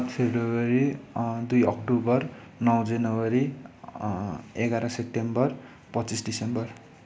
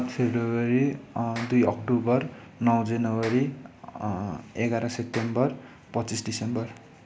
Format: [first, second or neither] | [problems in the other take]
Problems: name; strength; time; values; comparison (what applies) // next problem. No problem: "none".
first | background sound (Clapping); 20 dB below the speech